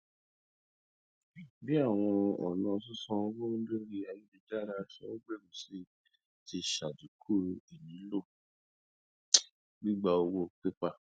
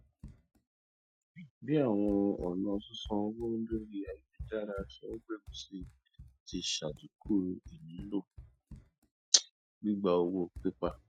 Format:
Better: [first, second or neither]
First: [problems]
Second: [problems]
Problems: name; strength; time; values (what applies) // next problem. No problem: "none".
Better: first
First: none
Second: noise reduction (classical method Wiener filter)